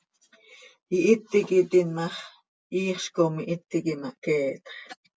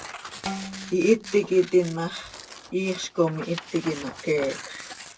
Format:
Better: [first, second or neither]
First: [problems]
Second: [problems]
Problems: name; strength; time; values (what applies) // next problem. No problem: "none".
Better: first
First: none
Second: background sound (Tearing + Bowed string instrument); 13 dB below the speech